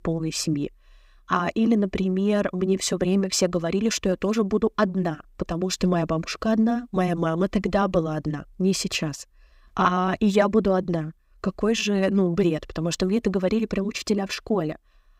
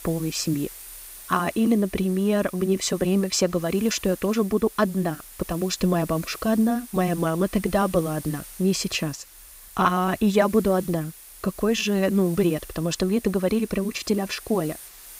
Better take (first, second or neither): first